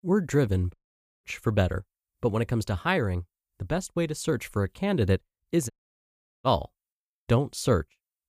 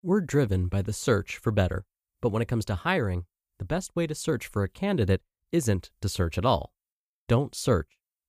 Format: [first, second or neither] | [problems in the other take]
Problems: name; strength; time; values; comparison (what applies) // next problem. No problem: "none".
second | audio cutting out; at 0.5 s and at 5.5 s for 0.5 s